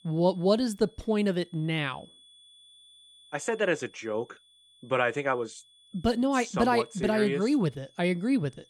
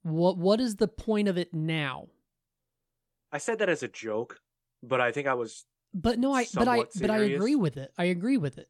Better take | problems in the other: second | high-pitched whine; faint; throughout; 3.5 kHz, 30 dB below the speech

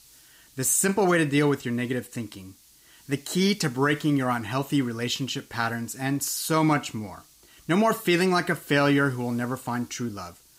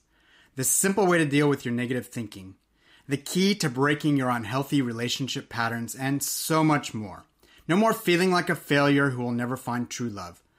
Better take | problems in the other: second | hiss; faint; throughout; 30 dB below the speech

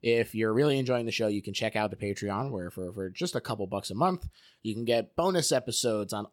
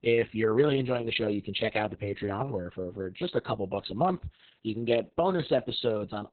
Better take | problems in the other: first | garbled, watery; badly; nothing above 4 kHz

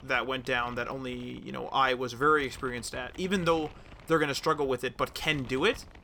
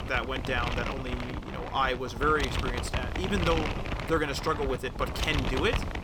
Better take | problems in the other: first | wind noise on the microphone; heavy; 5 dB below the speech; occasional gusts in the first

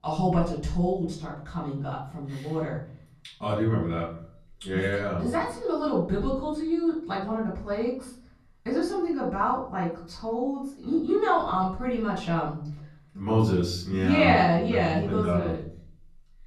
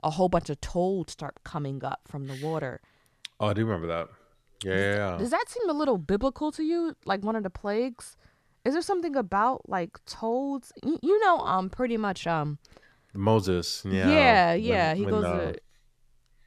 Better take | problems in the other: second | off-mic speech; far // room echo; noticeable; dies away in 0.6 s

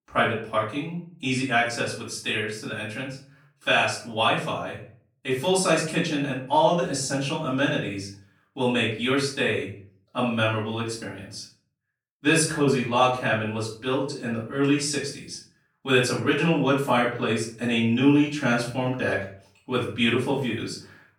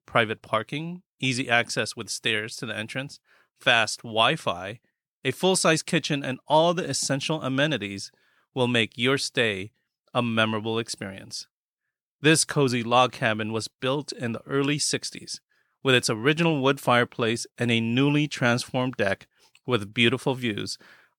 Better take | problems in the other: second | off-mic speech; far // room echo; noticeable; dies away in 0.4 s

